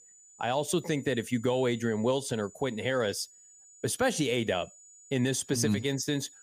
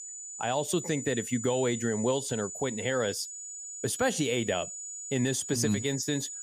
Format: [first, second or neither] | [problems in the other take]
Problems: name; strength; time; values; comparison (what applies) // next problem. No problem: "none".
first | high-pitched whine; loud; throughout; 7 kHz, 7 dB below the speech; faint in the first